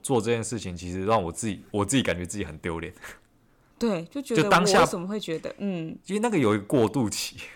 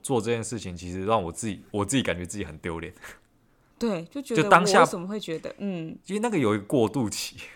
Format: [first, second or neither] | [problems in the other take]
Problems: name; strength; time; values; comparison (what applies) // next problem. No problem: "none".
second | distortion; slight; 1% of the sound clipped